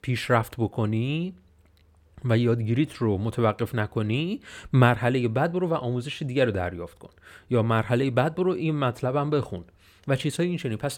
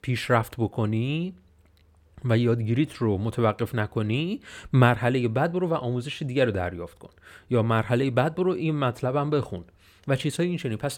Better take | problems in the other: neither | none

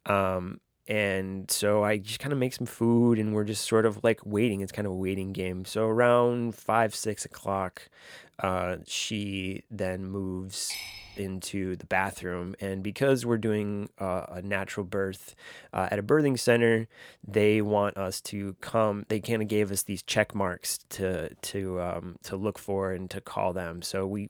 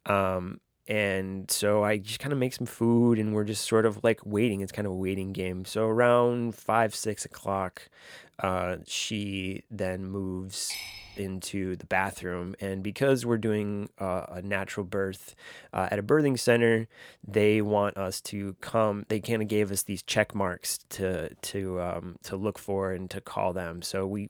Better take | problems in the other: neither | clattering dishes; noticeable; at 11 s; peak 9 dB below the speech; the same in both

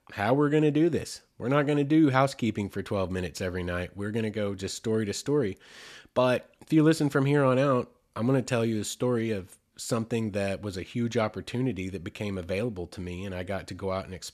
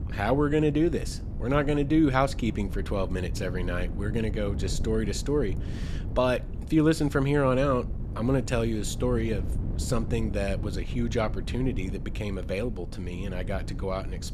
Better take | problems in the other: first | wind noise on the microphone; occasional gusts; 15 dB below the speech

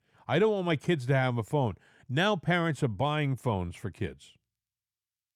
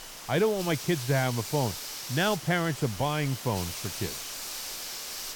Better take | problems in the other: first | hiss; loud; throughout; 7 dB below the speech

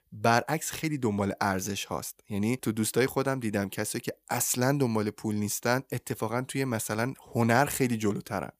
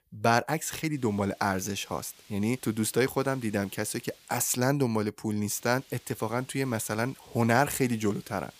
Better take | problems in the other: first | hiss; faint; from 1 to 4.5 s and from 5.5 s on; 25 dB below the speech

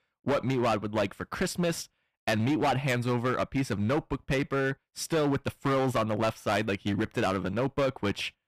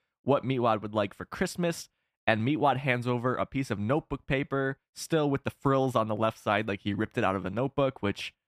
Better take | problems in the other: second | distortion; heavy; 12% of the sound clipped

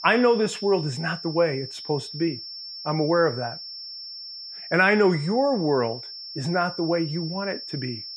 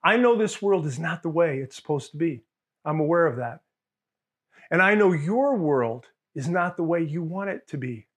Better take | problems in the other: second | high-pitched whine; noticeable; throughout; 5.5 kHz, 10 dB below the speech

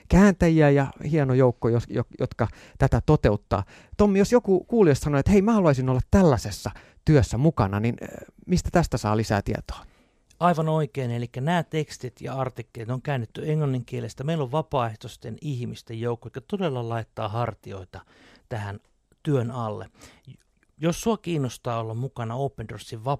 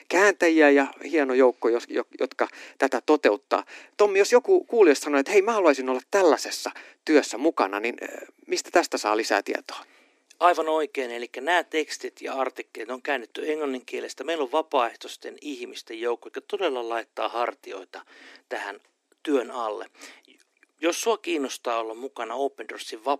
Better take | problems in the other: first | thin; somewhat; fading below 250 Hz

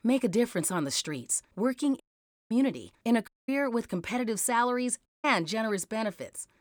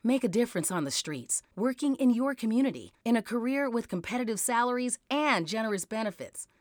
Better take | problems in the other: second | audio cutting out; at 2 s for 0.5 s, at 3.5 s and at 5 s

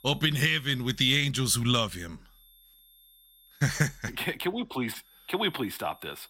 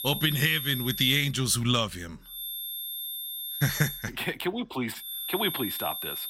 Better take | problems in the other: first | high-pitched whine; loud; until 1 s, from 2.5 to 4 s and from 5 s on; 3.5 kHz, 6 dB below the speech; faint in the first

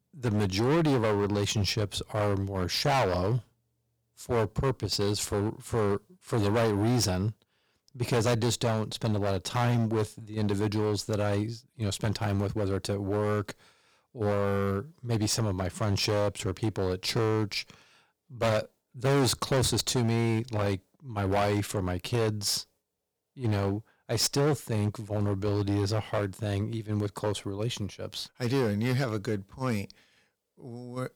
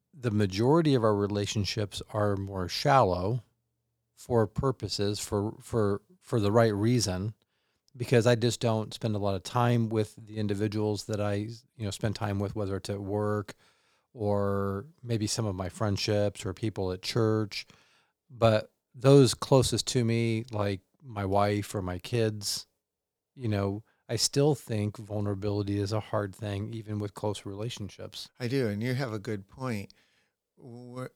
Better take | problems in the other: second | distortion; heavy; 11% of the sound clipped

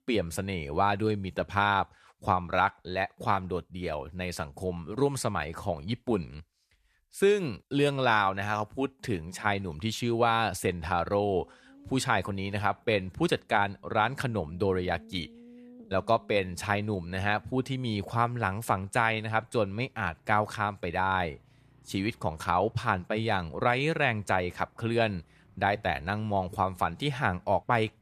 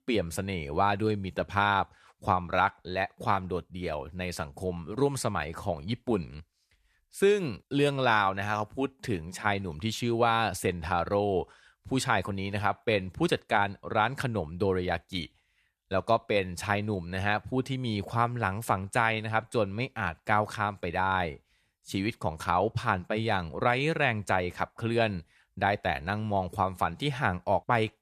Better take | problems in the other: second | traffic noise; faint; from 11 s on; 25 dB below the speech

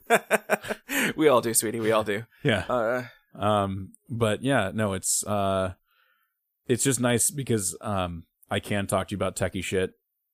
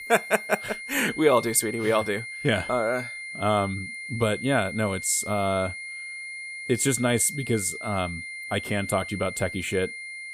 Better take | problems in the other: first | high-pitched whine; loud; throughout; 2 kHz, 9 dB below the speech

